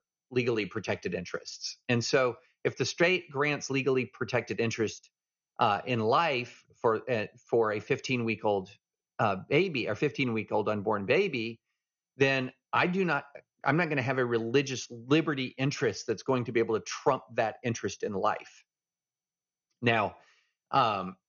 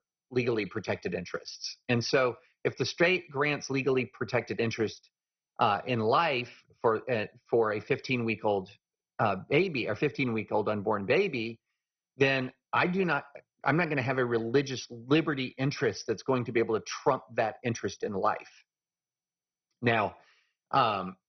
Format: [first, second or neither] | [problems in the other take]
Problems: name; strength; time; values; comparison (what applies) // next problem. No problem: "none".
first | garbled, watery; badly; nothing above 6 kHz; slightly in the first